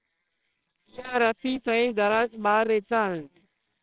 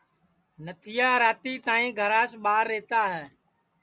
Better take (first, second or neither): second